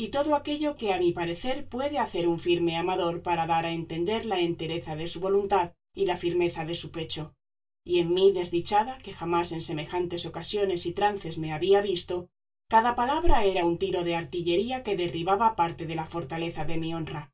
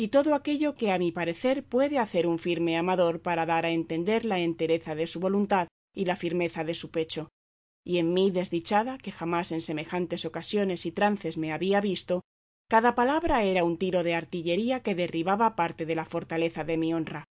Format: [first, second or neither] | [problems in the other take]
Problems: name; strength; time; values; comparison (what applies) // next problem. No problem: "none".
second | room echo; dies away in 0.1 s